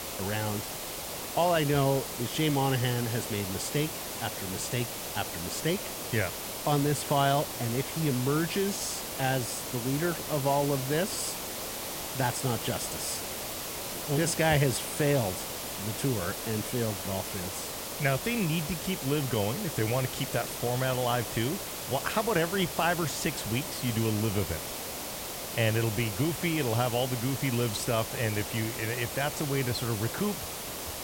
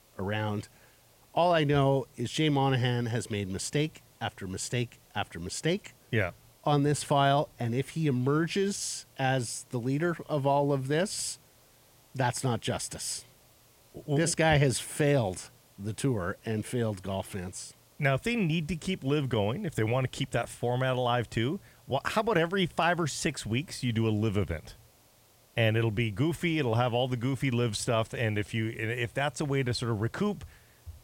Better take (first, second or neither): second